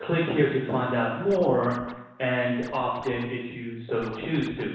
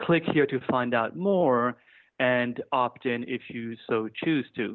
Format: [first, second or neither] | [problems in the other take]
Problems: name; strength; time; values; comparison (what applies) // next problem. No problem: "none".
second | noise reduction (neural separator model SepFormer DNS4)